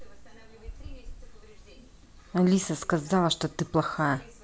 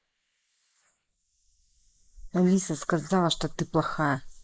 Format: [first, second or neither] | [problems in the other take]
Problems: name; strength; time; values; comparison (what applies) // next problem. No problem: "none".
first | noise reduction (neural mask model Resemble Enhance denoiser)